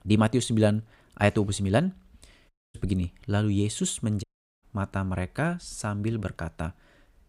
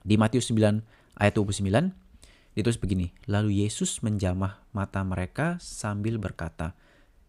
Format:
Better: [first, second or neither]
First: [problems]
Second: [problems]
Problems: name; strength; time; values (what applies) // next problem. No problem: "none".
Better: second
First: audio cutting out; at 2.5 s and at 4 s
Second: none